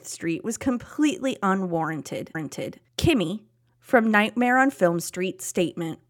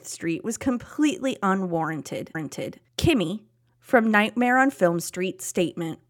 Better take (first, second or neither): neither